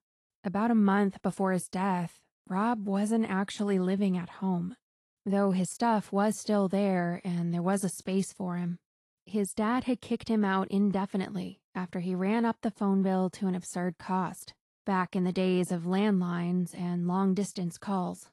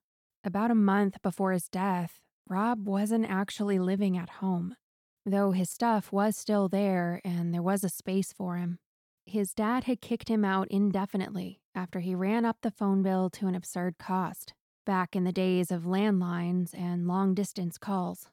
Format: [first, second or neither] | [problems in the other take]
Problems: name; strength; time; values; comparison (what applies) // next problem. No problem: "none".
second | garbled, watery; slightly; nothing above 11.5 kHz